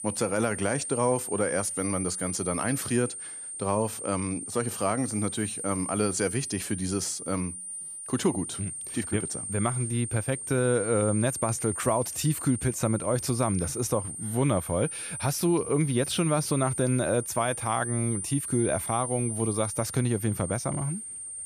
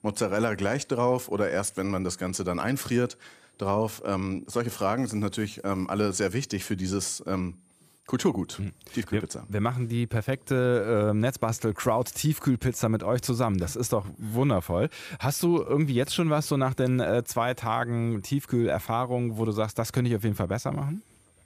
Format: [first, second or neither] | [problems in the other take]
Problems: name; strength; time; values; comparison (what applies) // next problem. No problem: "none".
second | high-pitched whine; loud; throughout; 8.5 kHz, 5 dB below the speech; faint in the second